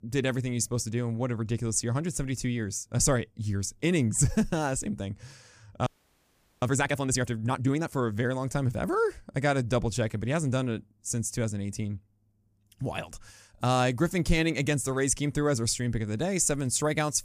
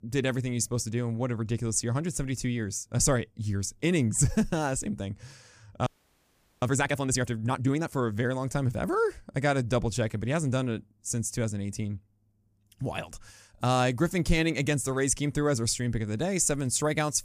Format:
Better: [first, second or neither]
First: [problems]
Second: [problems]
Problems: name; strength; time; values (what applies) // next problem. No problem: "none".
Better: neither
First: audio freezing; at 6 s for 1 s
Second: audio freezing; at 6 s for 1 s